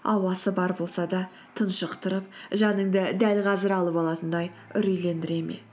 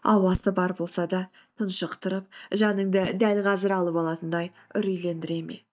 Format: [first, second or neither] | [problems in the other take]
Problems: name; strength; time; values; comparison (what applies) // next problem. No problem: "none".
first | noise reduction (neural mask model DeepFilterNet 3)